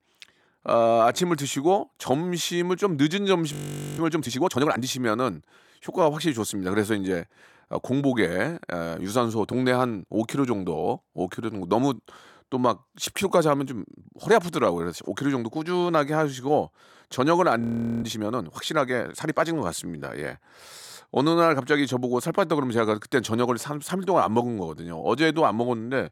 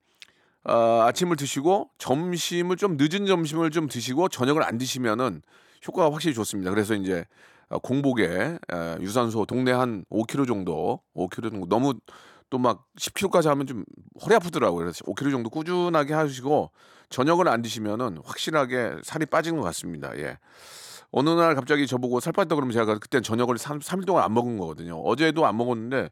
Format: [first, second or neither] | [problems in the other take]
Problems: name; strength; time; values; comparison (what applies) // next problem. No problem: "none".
second | audio freezing; at 3.5 s and at 18 s